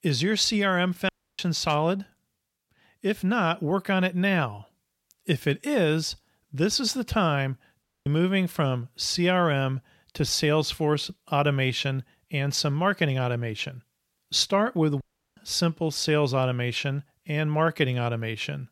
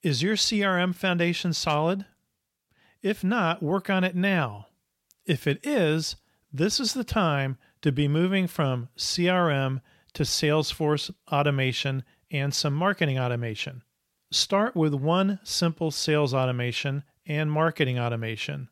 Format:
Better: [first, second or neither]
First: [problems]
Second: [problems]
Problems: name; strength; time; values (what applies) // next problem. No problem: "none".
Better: second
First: audio cutting out; at 1 s, at 8 s and at 15 s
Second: none